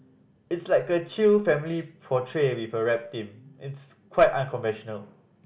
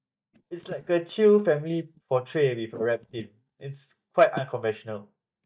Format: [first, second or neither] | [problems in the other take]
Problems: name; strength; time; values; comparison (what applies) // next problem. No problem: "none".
first | noise reduction (neural mask model DeepFilterNet 3)